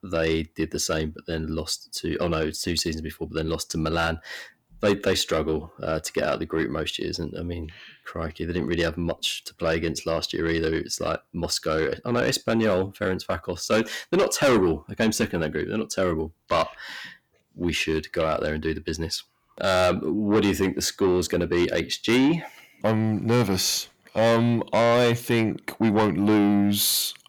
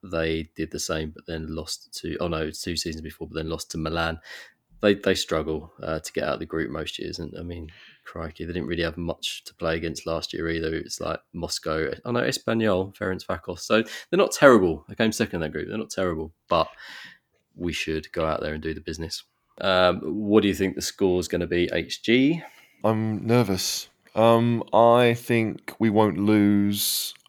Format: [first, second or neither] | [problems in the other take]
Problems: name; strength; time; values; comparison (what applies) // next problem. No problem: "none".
second | distortion; heavy; 7 dB below the speech